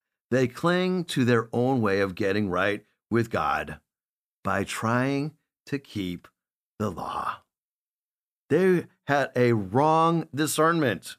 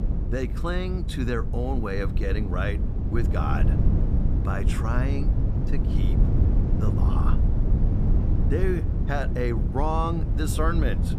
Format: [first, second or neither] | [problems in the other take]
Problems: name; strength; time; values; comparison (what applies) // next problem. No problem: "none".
first | low rumble; loud; throughout; 6 dB below the speech